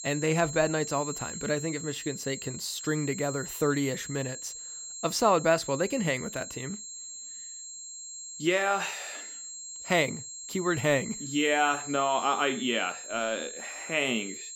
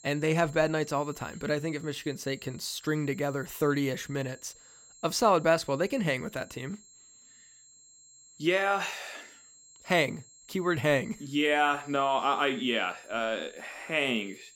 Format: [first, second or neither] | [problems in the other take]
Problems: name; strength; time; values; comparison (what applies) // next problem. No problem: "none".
second | high-pitched whine; loud; throughout; 7.5 kHz, 9 dB below the speech; faint in the second